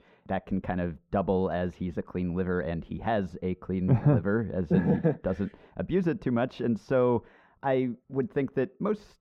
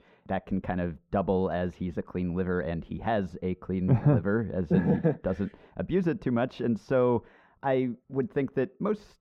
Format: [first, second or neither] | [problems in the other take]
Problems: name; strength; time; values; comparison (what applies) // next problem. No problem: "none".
neither | muffled; very; fading above 3 kHz; the same in both